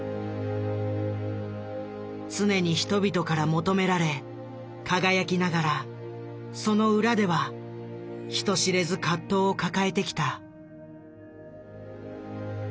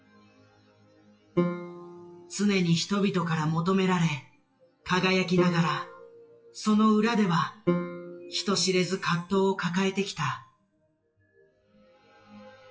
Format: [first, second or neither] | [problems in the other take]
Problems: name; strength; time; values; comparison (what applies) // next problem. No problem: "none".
first | noise reduction (classical method WPE with log-MMSE)